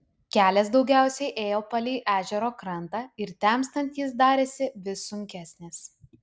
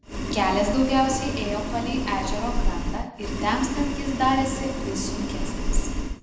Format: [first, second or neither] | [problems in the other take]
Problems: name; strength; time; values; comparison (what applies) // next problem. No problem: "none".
first | background sound (Boiling); as loud as the speech // room echo; dies away in 0.9 s